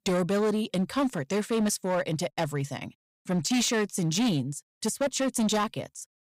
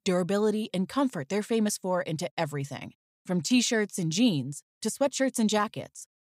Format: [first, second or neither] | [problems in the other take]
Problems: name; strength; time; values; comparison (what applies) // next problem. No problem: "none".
second | distortion; slight; 13% of the sound clipped